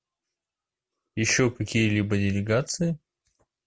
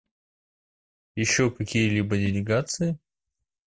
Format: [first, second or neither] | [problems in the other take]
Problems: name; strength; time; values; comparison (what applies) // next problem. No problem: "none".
first | noise reduction (neural mask model DeepFilterNet 3)